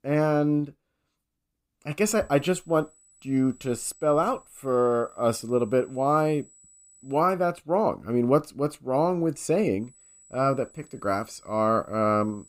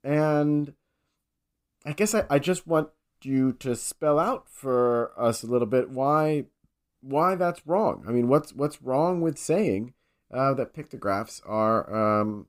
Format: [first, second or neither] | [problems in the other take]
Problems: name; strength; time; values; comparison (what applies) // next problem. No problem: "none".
second | high-pitched whine; faint; from 2 to 7 s and from 10 s on; 8 kHz, 30 dB below the speech